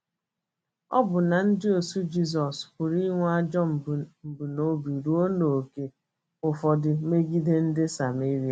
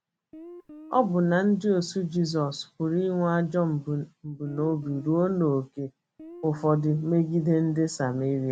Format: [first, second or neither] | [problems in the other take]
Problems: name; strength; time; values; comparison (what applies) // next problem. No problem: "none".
first | background sound (Guitar); 19 dB below the speech